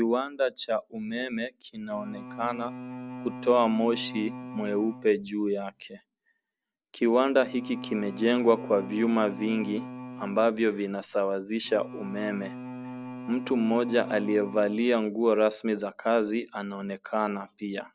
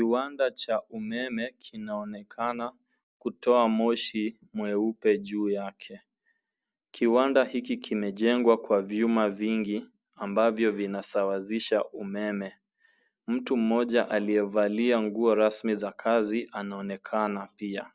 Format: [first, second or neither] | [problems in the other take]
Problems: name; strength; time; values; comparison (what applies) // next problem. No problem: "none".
second | background sound (Bowed string instrument); 13 dB below the speech